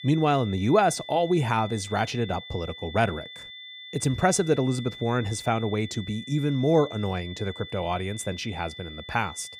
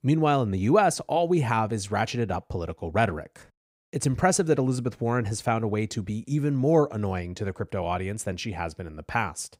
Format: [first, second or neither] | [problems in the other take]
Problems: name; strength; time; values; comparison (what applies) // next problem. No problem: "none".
second | high-pitched whine; noticeable; throughout; 3.5 kHz, 15 dB below the speech